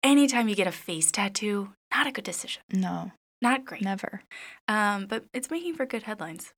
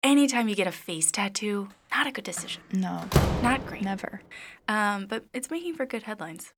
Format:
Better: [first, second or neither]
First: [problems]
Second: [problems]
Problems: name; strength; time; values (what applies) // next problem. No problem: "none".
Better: first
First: none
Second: door banging; loud; at 3 s; peak 4 dB above the speech